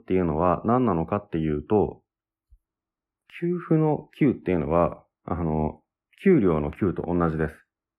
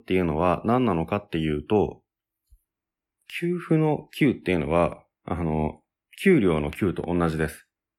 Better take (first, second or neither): second